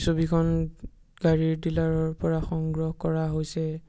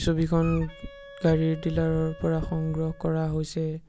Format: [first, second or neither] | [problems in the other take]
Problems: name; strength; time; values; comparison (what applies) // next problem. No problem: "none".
first | background sound (Wind instrument, woodwind instrument); 20 dB below the speech